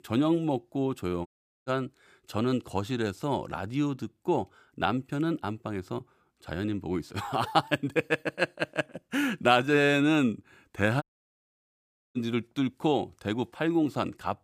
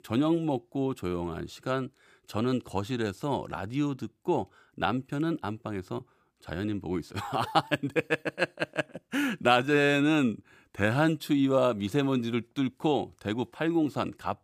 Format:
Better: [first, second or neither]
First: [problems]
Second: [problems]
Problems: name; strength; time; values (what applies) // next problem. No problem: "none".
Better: second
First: audio cutting out; at 1.5 s and at 11 s for 1 s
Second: none